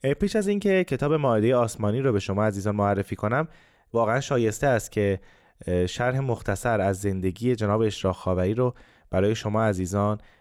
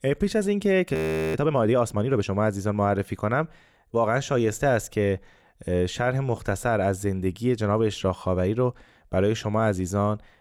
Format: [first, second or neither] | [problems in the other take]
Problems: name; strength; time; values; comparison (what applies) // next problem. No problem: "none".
first | audio freezing; at 1 s